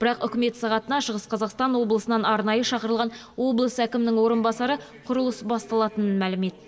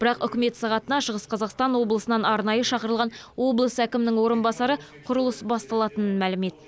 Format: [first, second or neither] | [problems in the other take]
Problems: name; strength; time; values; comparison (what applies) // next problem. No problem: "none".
second | room echo; dies away in 1.2 s